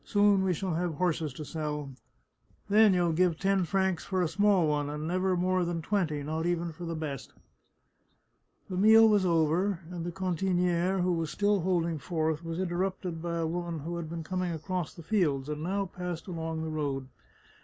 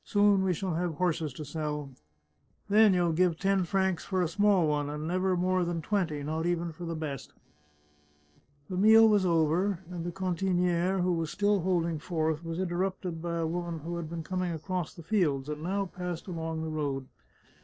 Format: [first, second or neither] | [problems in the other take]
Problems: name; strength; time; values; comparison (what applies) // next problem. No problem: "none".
first | noise reduction (neural separator model SepFormer DNS4)